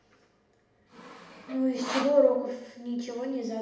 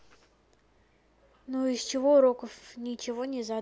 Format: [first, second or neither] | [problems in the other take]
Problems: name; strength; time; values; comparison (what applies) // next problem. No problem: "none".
second | background sound (Sawing); 10 dB below the speech // room echo; dies away in 0.8 s